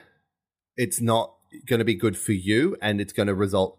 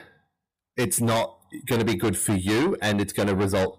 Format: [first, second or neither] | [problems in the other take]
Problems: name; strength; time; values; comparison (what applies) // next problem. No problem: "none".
first | distortion; heavy; 6 dB below the speech